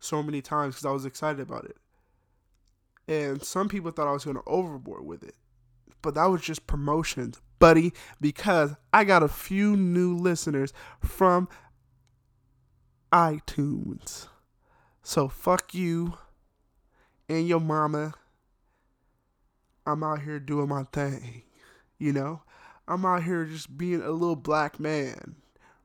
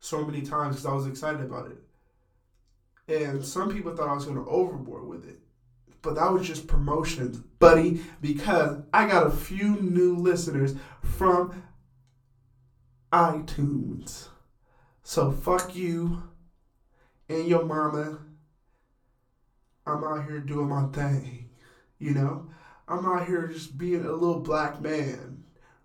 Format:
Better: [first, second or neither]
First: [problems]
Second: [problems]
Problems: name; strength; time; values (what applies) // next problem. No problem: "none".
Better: first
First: none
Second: off-mic speech; far // room echo; very slight; dies away in 0.3 s